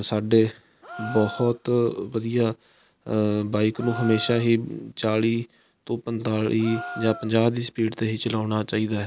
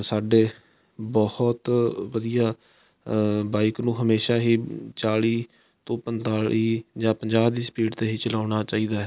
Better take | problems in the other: second | background sound (Gasp); 17 dB below the speech

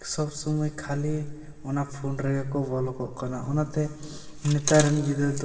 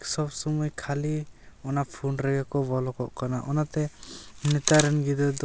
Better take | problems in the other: second | room echo; dies away in 2.3 s

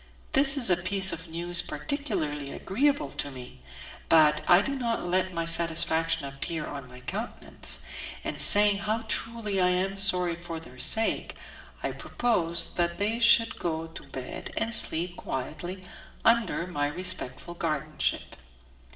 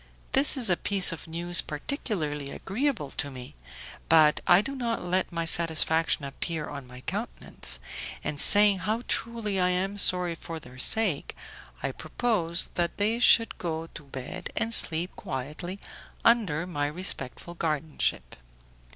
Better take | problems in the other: second | room echo; dies away in 1.5 s

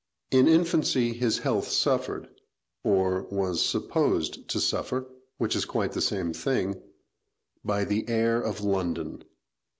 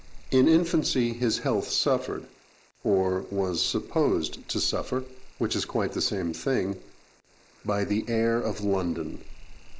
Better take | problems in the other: first | noise reduction (neural mask model Resemble Enhance denoiser)

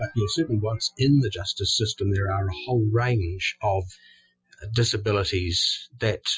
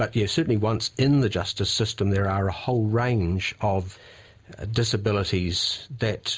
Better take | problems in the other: second | noise reduction (classical method Wiener filter)

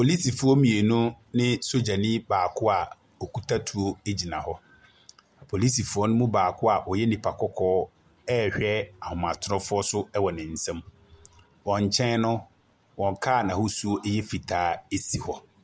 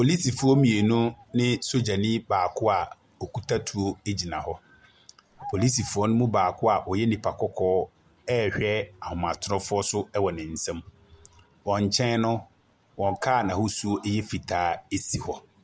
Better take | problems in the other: first | background sound (Bird vocalization, bird call, bird song); 19 dB below the speech

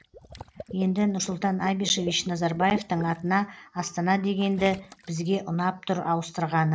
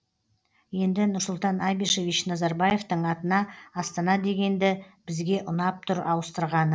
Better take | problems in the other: second | background sound (Water / Liquid); 18 dB below the speech

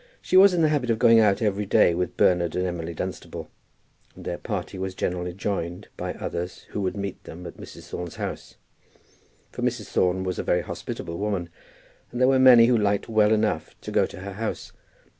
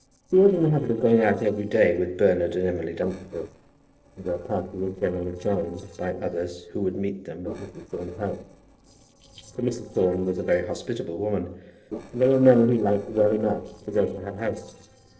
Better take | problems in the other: first | noise reduction (neural separator model SepFormer DNS4)

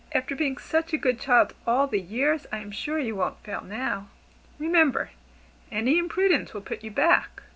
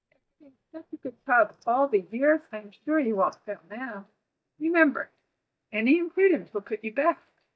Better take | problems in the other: first | noise reduction (neural mask model DeepFilterNet 3)

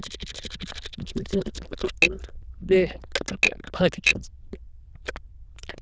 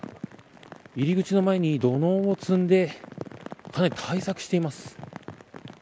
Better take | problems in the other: second | noise reduction (neural diffusion model UNIVERSE++)

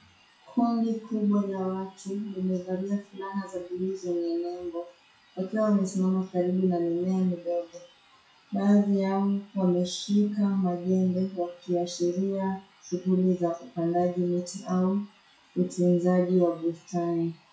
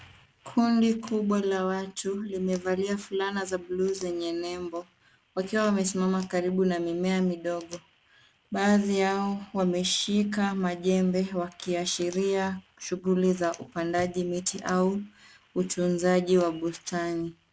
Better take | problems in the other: second | noise reduction (classical method WPE with log-MMSE)

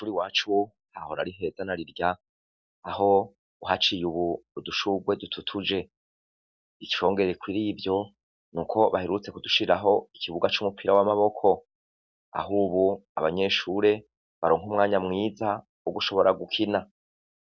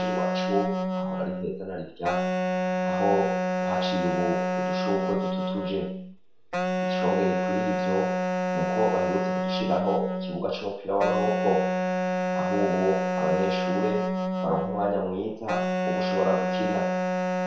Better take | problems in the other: first | background sound (Wind instrument, woodwind instrument); 3 dB above the speech // room echo; dies away in 0.6 s

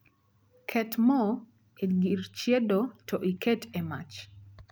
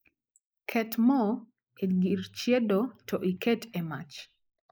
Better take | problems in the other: first | noise reduction (neural mask model Resemble Enhance denoiser)

